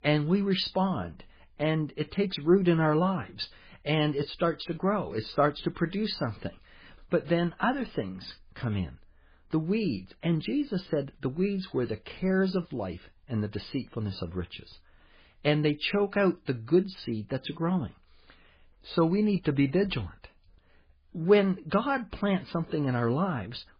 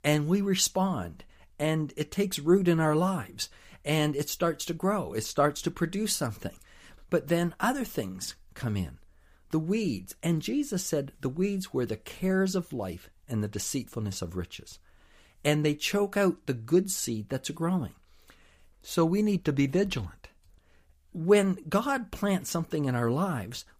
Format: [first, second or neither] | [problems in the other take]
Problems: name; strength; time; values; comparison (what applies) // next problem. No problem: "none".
second | garbled, watery; badly; nothing above 5 kHz